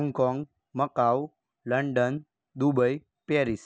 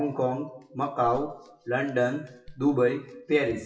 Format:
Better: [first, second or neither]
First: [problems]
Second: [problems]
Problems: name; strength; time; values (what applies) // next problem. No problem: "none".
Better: first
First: none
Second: noise reduction (classical method WPE with log-MMSE)